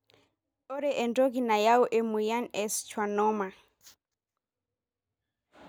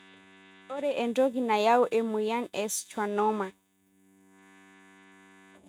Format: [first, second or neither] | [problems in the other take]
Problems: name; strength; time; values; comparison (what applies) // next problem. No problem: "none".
first | noise reduction (neural mask model RNNoise)